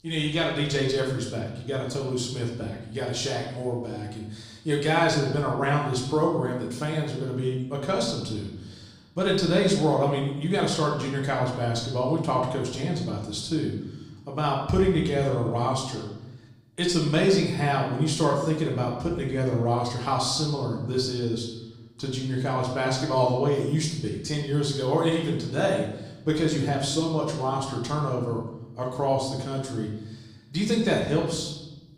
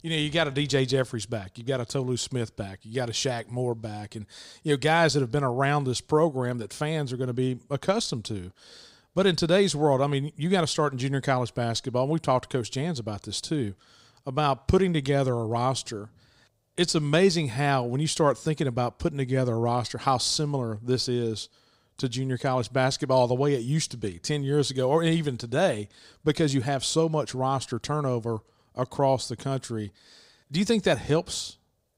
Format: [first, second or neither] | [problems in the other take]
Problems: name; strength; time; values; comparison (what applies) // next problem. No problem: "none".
second | off-mic speech; far // room echo; noticeable; dies away in 0.8 s